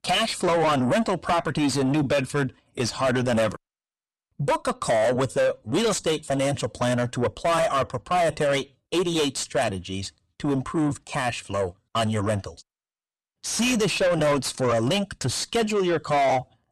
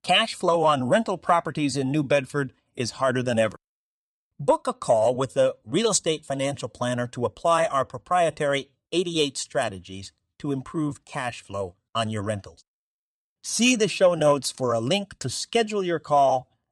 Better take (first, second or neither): second